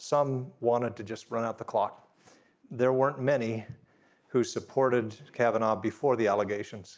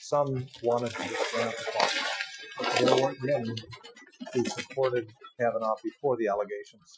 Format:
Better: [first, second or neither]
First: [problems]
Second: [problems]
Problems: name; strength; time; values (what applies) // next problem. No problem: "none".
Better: first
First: none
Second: noise reduction (classical method Wiener filter)